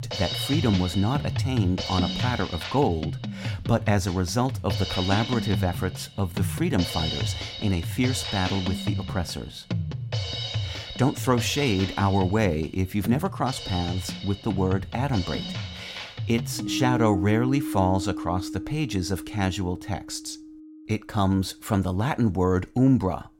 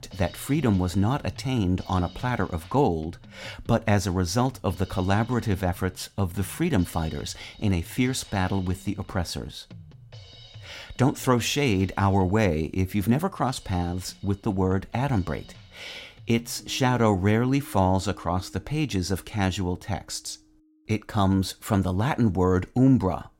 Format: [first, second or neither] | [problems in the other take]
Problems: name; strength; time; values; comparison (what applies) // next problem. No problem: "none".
second | background music; loud; throughout; 5 dB below the speech; faint in the second